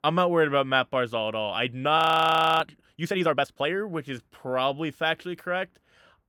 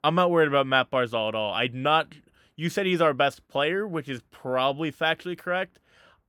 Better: second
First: audio freezing; at 2 s for 0.5 s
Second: none

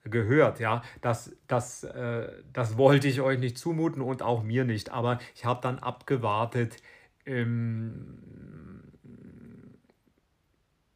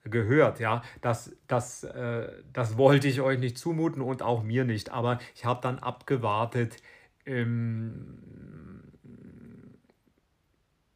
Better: neither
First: none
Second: none

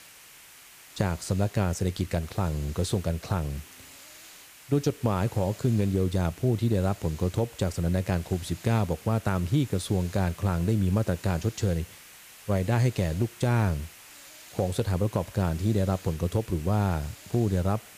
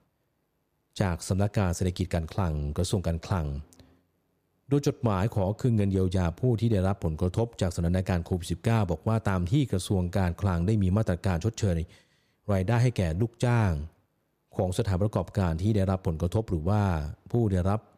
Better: second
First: hiss; noticeable; throughout; 20 dB below the speech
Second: none

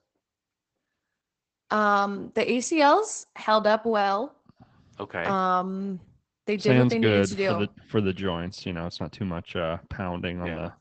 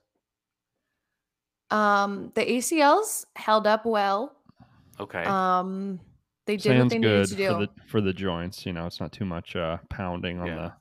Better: second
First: garbled, watery; badly; nothing above 8 kHz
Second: none

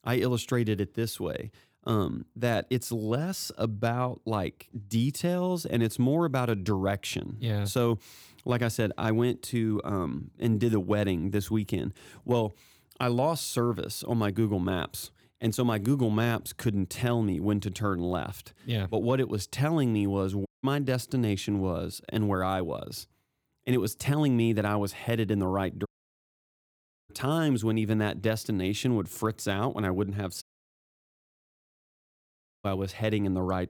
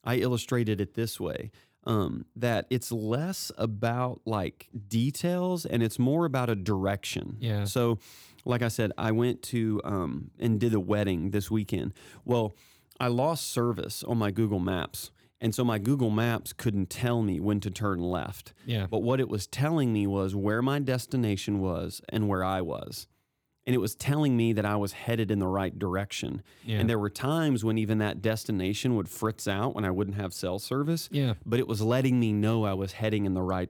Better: second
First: audio cutting out; at 20 s, at 26 s for 1 s and at 30 s for 2 s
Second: none

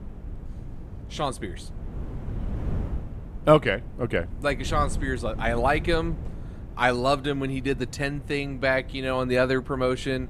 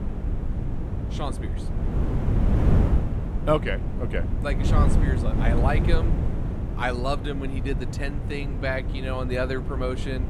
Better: first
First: wind noise on the microphone; occasional gusts; 20 dB below the speech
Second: wind noise on the microphone; heavy; 6 dB below the speech

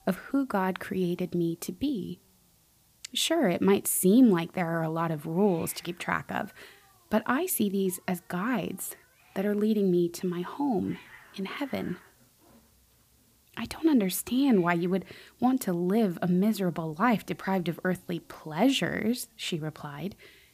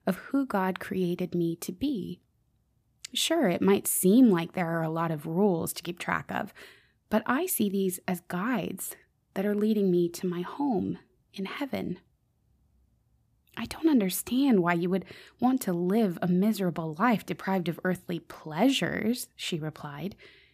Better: second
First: hiss; faint; throughout; 30 dB below the speech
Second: none

